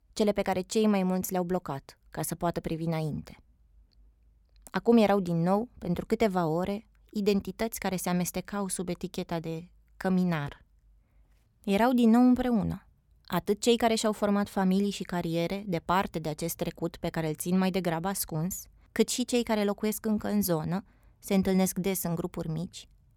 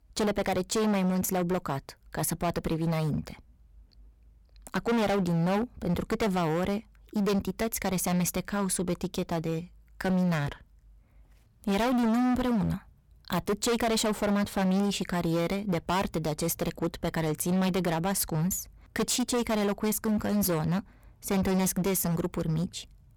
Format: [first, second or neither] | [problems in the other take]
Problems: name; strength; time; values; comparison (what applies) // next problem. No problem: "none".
first | distortion; heavy; 19% of the sound clipped